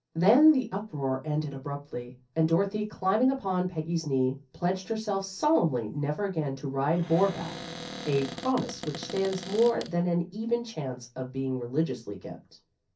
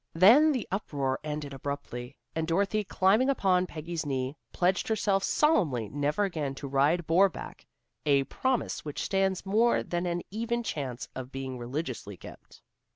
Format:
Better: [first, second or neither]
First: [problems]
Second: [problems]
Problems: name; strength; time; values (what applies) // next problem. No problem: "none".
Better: second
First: background sound (Cupboard open or close); 12 dB below the speech // room echo; dies away in 0.3 s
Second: none